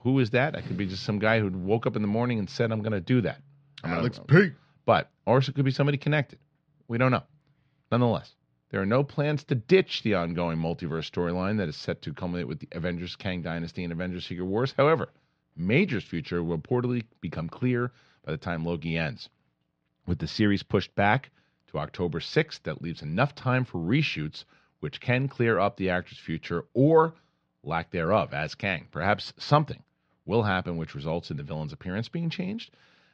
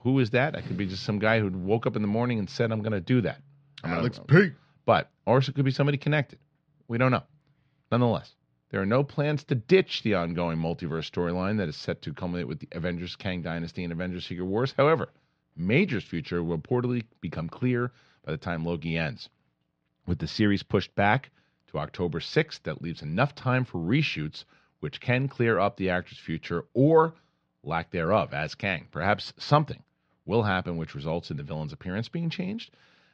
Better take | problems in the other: neither | muffled; very slightly; fading above 4 kHz; the same in both

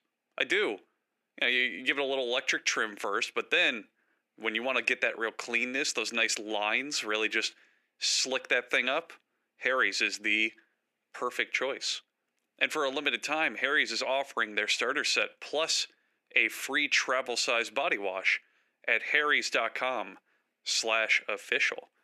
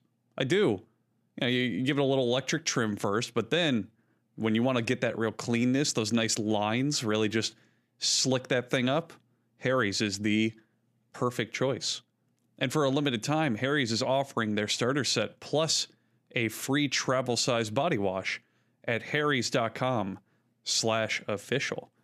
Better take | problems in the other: second | thin; somewhat; fading below 350 Hz

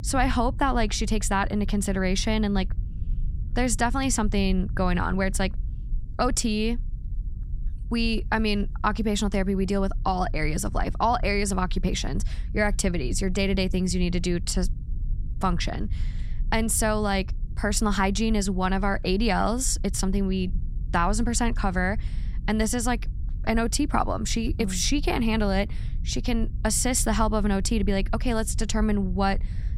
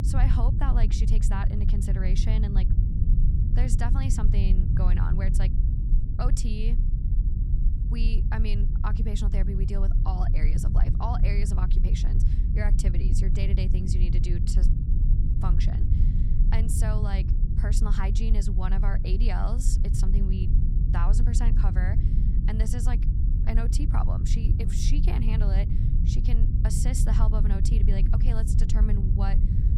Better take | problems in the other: first | low rumble; loud; throughout; 3 dB below the speech; faint in the first

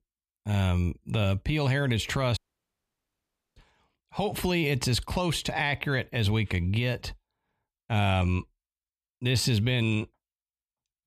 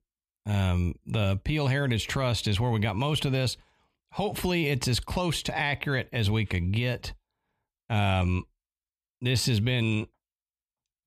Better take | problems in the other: second | audio cutting out; at 2.5 s for 1 s

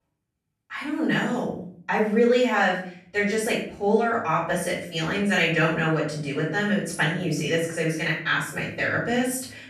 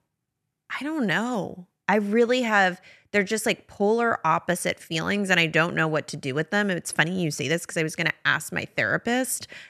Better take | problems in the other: second | room echo; noticeable; dies away in 0.5 s // off-mic speech; far

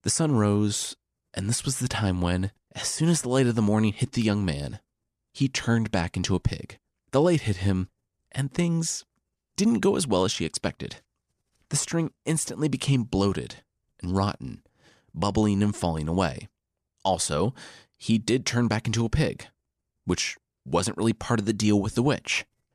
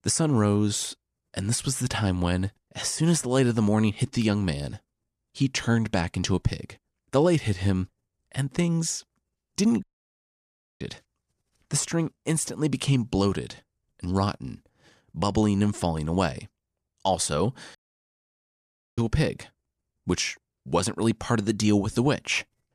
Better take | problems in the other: first | audio cutting out; at 10 s for 1 s and at 18 s for 1 s

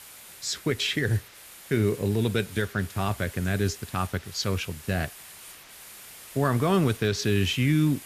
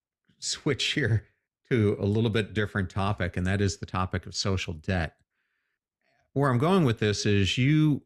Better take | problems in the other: second | hiss; noticeable; throughout; 15 dB below the speech

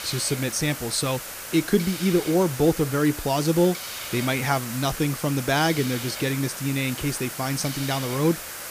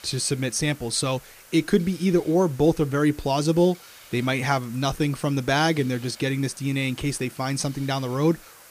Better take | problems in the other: second | hiss; loud; throughout; 8 dB below the speech; faint in the second

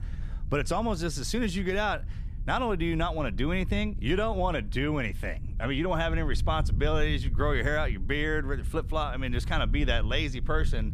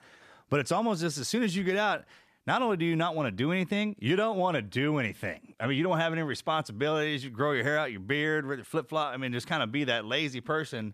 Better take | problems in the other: second | low rumble; faint; throughout; 20 dB below the speech

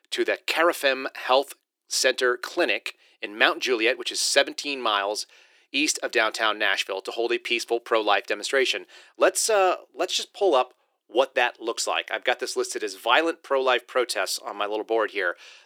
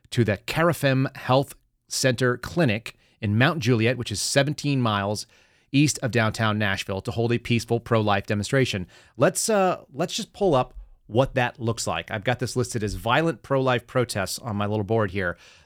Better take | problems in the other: second | thin; very; fading below 350 Hz

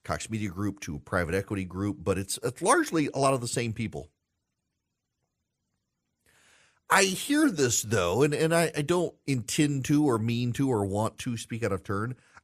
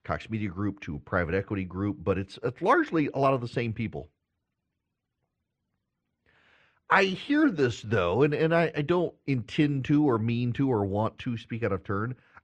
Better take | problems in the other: first | muffled; very; fading above 3 kHz

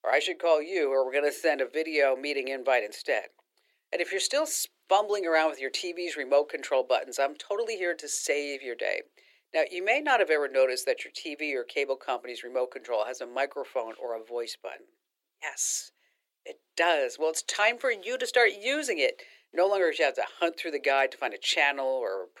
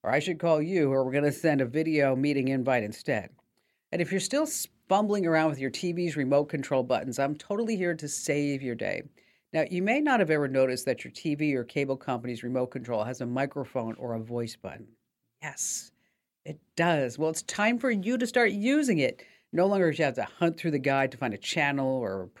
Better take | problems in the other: second | thin; very; fading below 400 Hz

